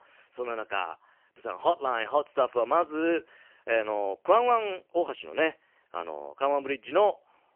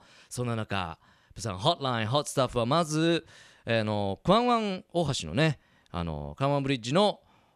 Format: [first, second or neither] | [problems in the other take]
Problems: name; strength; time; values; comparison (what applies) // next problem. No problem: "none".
second | phone-call audio; poor line; nothing above 3 kHz